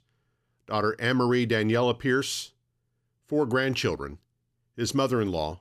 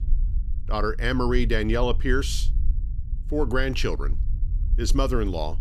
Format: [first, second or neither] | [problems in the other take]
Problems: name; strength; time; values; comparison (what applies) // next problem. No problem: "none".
first | low rumble; faint; throughout; 25 dB below the speech